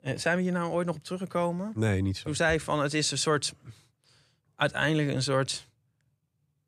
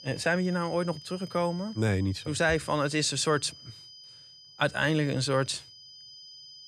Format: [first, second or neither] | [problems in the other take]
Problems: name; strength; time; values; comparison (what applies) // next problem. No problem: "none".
first | high-pitched whine; noticeable; throughout; 5 kHz, 20 dB below the speech